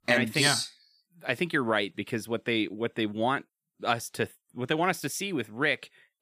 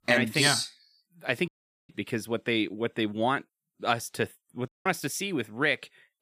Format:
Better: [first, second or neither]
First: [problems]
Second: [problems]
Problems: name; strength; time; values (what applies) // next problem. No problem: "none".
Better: first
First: none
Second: audio cutting out; at 1.5 s and at 4.5 s